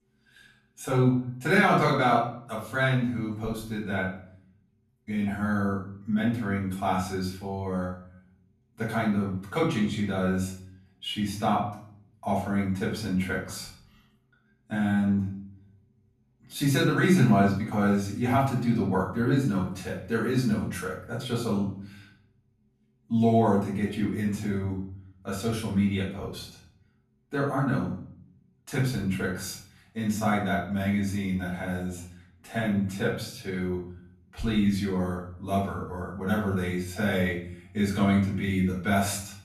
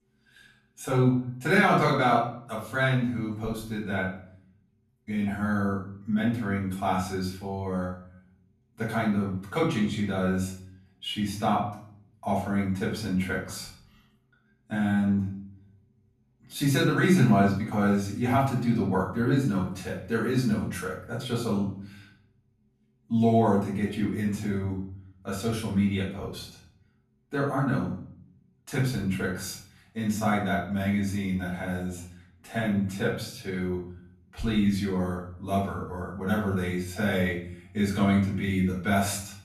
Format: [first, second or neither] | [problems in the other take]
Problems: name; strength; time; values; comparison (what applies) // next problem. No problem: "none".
neither | off-mic speech; far; the same in both // room echo; noticeable; dies away in 0.6 s; the same in both